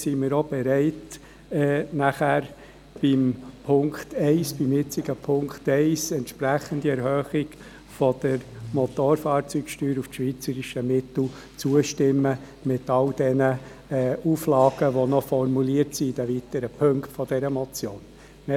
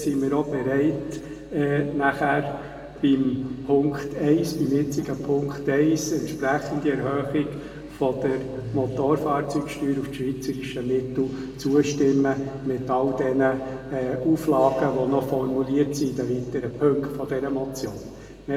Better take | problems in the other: first | room echo; dies away in 1.7 s

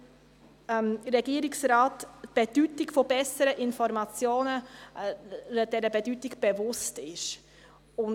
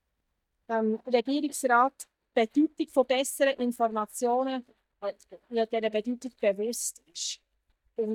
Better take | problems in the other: first | noise reduction (neural mask model DeepFilterNet 3)

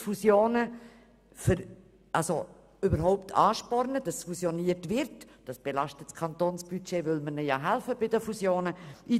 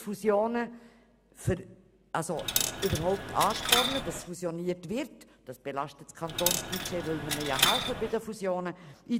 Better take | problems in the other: first | background sound (Coin (dropping)); 1 dB above the speech

